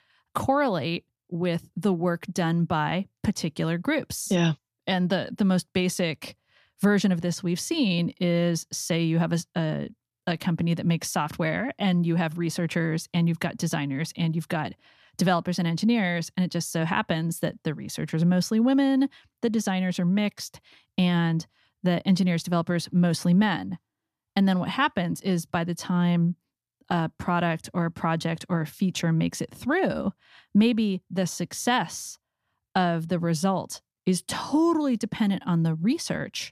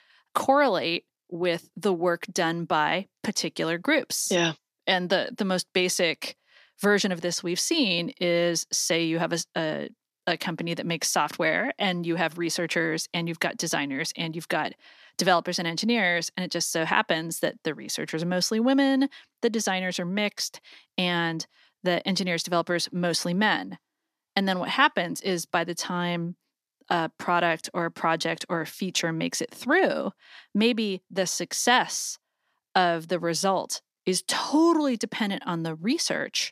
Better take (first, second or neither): first